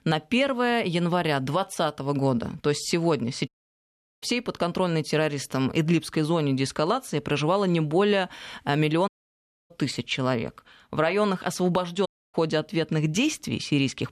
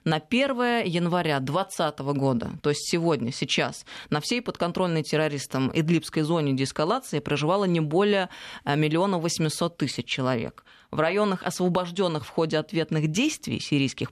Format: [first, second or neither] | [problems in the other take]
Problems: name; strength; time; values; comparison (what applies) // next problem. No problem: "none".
second | audio cutting out; at 3.5 s for 0.5 s, at 9 s for 0.5 s and at 12 s